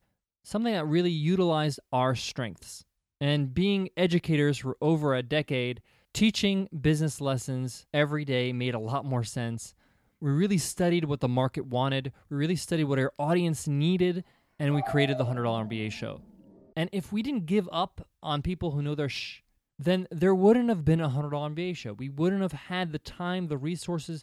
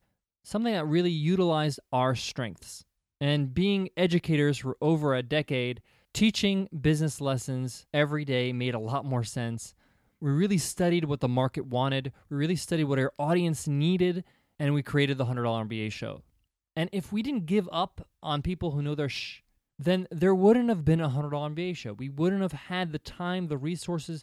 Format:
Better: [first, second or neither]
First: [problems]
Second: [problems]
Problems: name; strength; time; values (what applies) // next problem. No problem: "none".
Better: second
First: dog barking; noticeable; from 15 to 16 s; peak 5 dB below the speech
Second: none